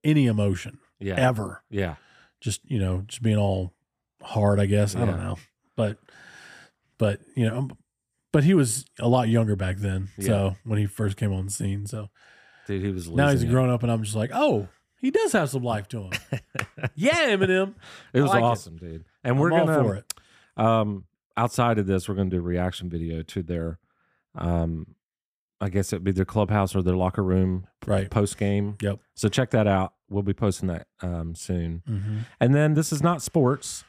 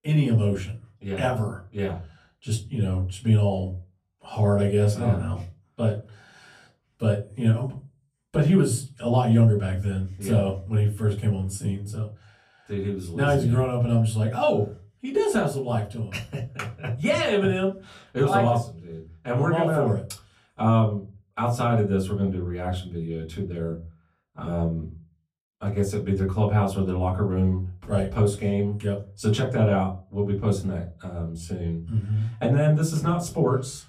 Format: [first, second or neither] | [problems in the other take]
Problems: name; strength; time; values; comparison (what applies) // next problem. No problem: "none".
first | off-mic speech; far // room echo; very slight; dies away in 0.3 s